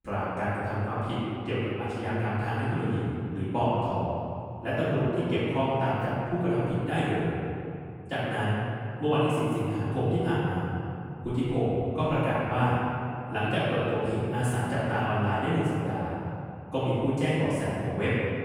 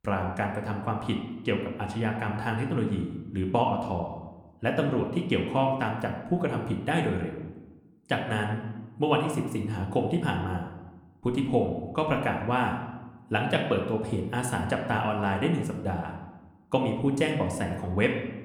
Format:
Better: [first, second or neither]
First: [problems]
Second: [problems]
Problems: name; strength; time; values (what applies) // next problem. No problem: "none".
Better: second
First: room echo; strong; dies away in 2.5 s // off-mic speech; far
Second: room echo; slight; dies away in 0.9 s